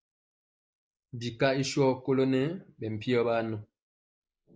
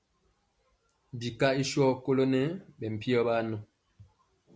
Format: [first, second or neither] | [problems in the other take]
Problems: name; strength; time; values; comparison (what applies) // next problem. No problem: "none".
second | noise reduction (neural mask model Resemble Enhance denoiser)